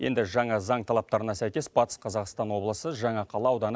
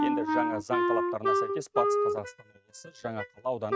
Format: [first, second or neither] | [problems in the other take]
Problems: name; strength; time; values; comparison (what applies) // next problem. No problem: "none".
first | noise reduction (neural mask model RNNoise)